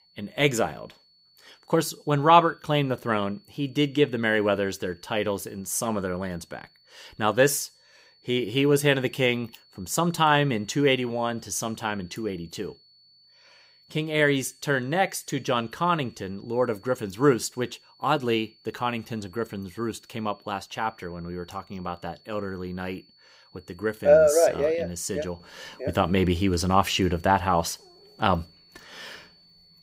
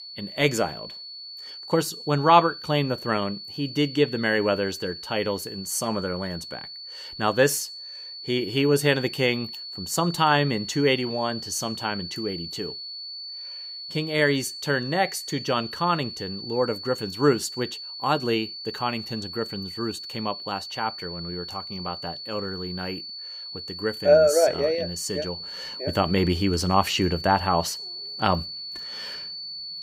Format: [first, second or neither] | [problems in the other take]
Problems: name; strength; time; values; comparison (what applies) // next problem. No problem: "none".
first | high-pitched whine; loud; throughout; 4.5 kHz, 9 dB below the speech; faint in the first